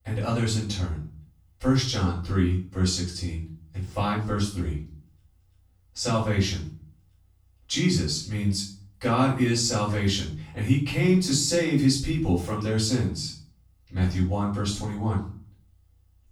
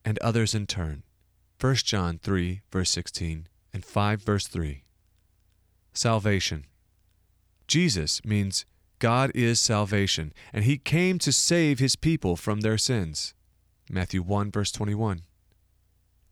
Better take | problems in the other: second | off-mic speech; far // room echo; noticeable; dies away in 0.4 s

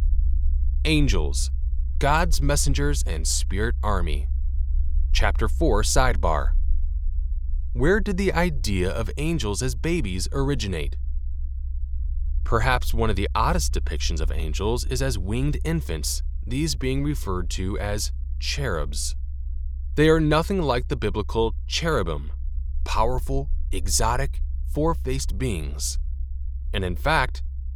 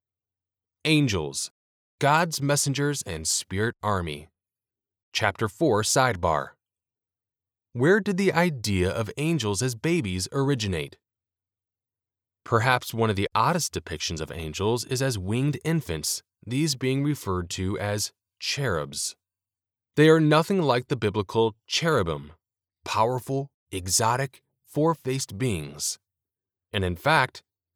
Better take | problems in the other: second | low rumble; faint; throughout; 25 dB below the speech

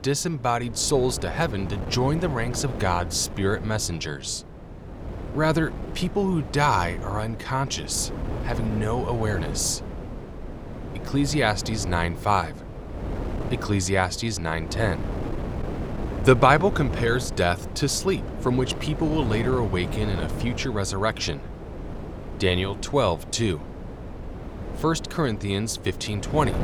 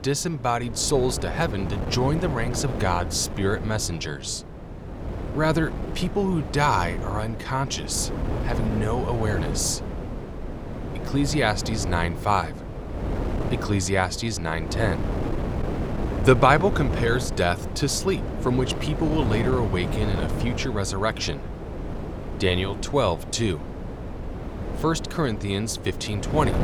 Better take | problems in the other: first | wind noise on the microphone; heavy; 10 dB below the speech; occasional gusts in the first

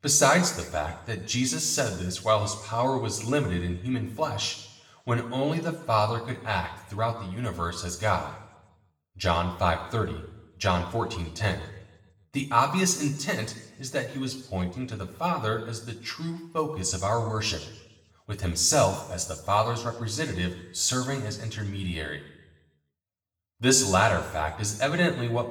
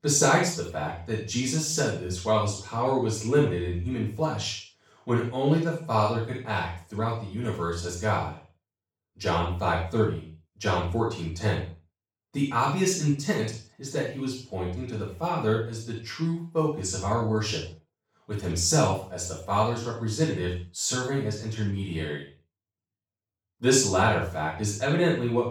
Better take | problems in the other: first | room echo; strong; dies away in 0.4 s; slight in the first // off-mic speech; far; somewhat distant in the first

